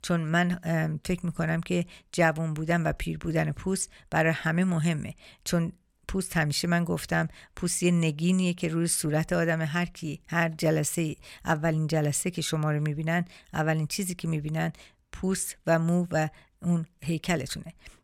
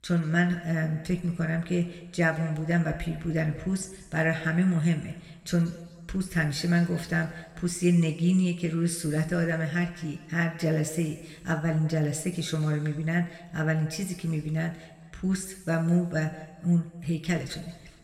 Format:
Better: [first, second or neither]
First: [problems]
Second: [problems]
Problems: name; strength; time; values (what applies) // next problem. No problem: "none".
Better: first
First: none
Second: room echo; slight; dies away in 1.5 s